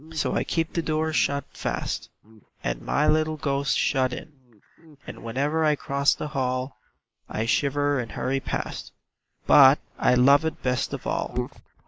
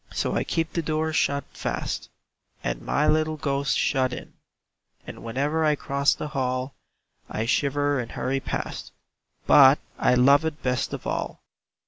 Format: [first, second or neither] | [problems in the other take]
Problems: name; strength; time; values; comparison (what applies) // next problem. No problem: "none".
second | noise reduction (neural mask model Resemble Enhance denoiser)